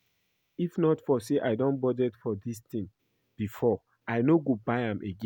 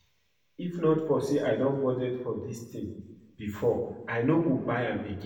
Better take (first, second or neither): first